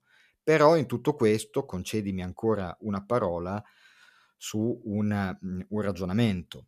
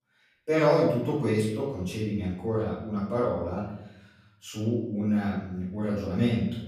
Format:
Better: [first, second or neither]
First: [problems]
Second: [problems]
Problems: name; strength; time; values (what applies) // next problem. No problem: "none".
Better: first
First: none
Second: room echo; noticeable; dies away in 0.9 s // off-mic speech; far